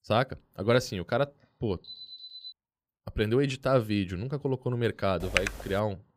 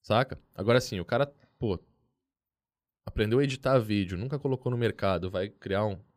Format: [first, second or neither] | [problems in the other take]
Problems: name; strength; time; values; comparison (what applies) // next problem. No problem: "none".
second | alarm; faint; at 2 s; peak 10 dB below the speech // keyboard typing; noticeable; at 5 s; peak level with the speech